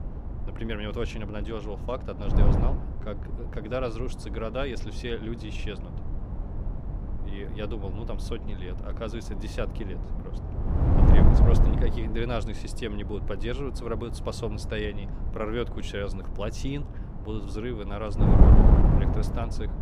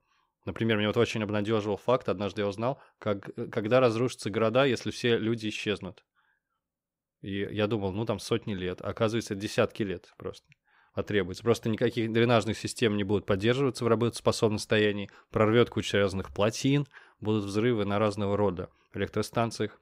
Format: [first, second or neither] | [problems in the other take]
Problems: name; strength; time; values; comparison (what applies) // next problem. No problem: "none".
second | wind noise on the microphone; heavy; 2 dB below the speech